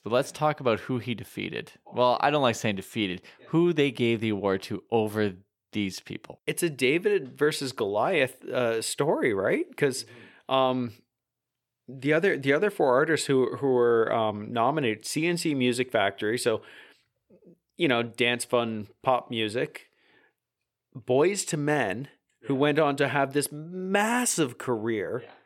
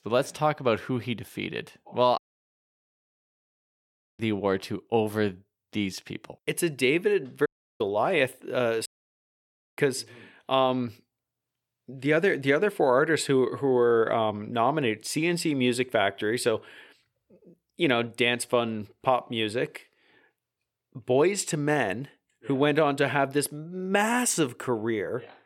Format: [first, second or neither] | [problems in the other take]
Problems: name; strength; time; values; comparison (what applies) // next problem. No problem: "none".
first | audio cutting out; at 2 s for 2 s, at 7.5 s and at 9 s for 1 s